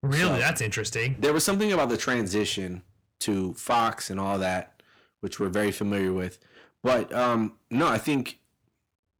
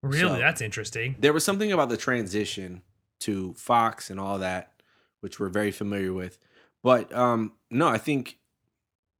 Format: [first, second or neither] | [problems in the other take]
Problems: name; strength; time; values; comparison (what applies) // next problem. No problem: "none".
second | distortion; heavy; 8 dB below the speech